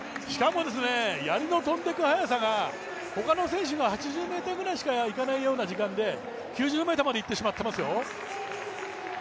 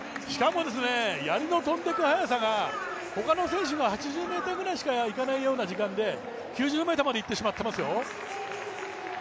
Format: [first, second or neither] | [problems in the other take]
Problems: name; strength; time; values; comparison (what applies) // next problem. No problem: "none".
first | background sound (Bird vocalization, bird call, bird song / Crow); 11 dB below the speech